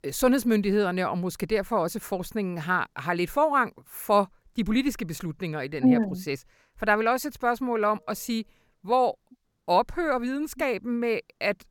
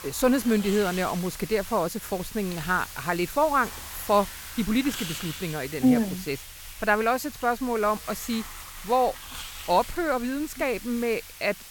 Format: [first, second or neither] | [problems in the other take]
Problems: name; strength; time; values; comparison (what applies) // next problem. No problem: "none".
first | hiss; noticeable; throughout; 10 dB below the speech